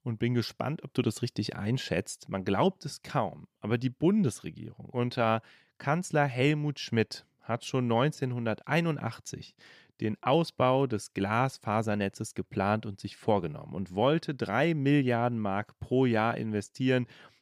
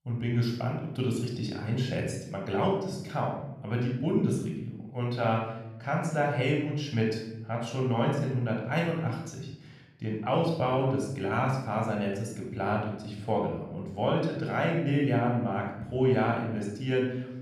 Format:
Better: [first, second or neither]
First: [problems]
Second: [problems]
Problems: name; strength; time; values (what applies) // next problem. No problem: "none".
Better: first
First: none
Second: off-mic speech; somewhat distant // room echo; noticeable; dies away in 0.9 s